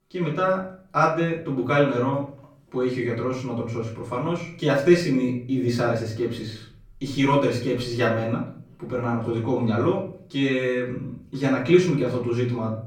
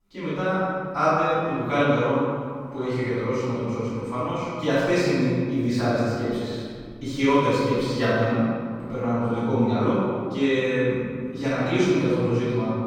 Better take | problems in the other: first | room echo; strong; dies away in 2 s; slight in the first // off-mic speech; far; far in the first

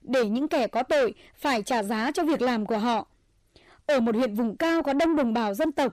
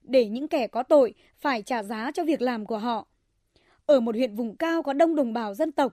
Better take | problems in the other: second | distortion; heavy; 6 dB below the speech

